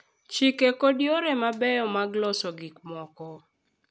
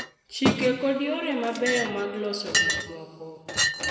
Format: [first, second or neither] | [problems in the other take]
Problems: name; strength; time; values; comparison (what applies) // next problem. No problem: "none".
first | background sound (Chink, clink); 1 dB below the speech // room echo; dies away in 2 s